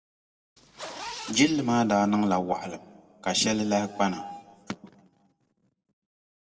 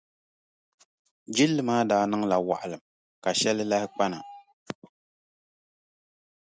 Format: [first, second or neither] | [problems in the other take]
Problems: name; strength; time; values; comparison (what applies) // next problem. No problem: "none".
second | background sound (Zipper (clothing)); 13 dB below the speech // room echo; dies away in 1.2 s